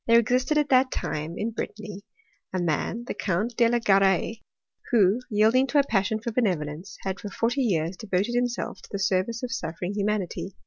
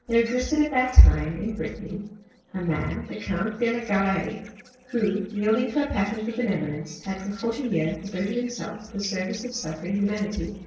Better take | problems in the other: first | noise reduction (neural separator model SepFormer DNS4)

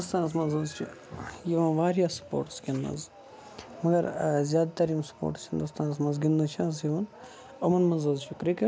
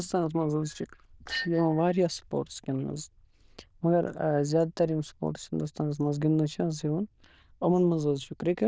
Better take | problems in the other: first | noise reduction (neural diffusion model UNIVERSE++)

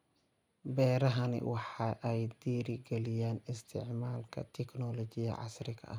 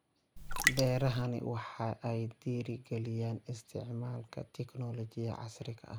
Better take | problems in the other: first | background sound (Raindrop); 3 dB above the speech

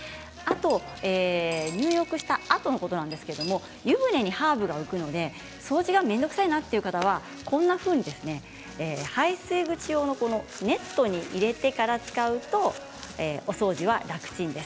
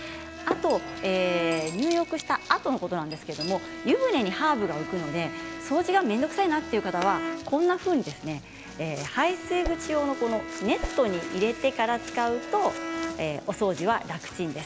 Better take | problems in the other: first | background sound (Whoosh, swoosh, swish + Bowed string instrument); 11 dB below the speech

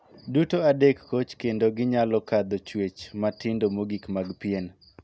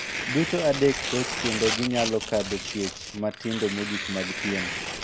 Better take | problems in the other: first | background sound (Tearing); 4 dB below the speech

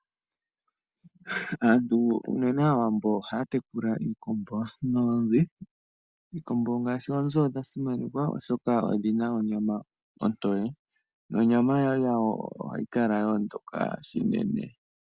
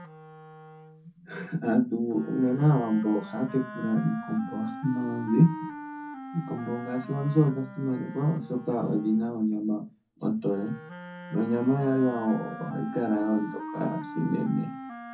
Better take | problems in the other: first | background sound (Wind instrument, woodwind instrument); 13 dB below the speech // room echo; dies away in 0.3 s

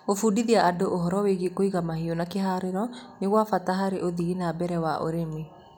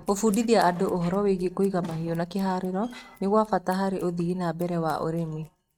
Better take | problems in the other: first | noise reduction (neural mask model RNNoise)

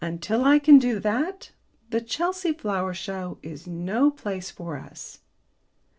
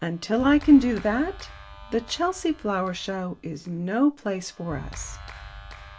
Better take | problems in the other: first | background sound (Clapping); 17 dB below the speech

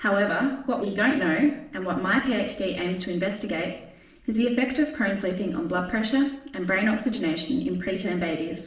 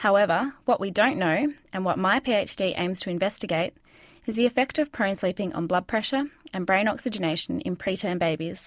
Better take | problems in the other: second | noise reduction (neural separator model SepFormer DNS4)

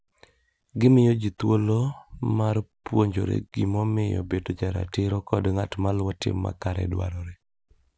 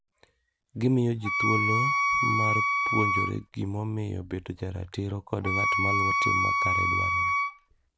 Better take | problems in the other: first | background sound (Wind instrument, woodwind instrument); 4 dB above the speech

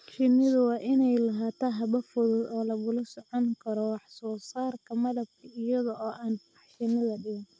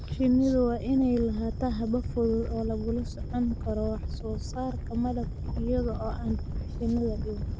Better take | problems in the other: first | background sound (Animal); 4 dB below the speech

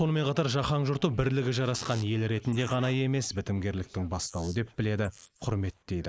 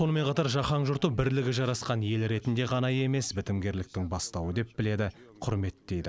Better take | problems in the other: second | noise reduction (neural mask model Resemble Enhance denoiser)

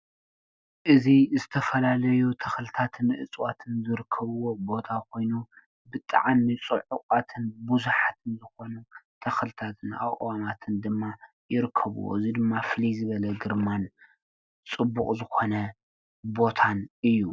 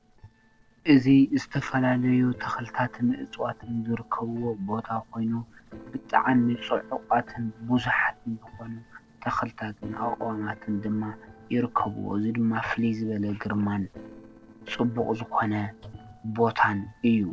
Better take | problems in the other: first | noise reduction (neural separator model SepFormer DNS4)

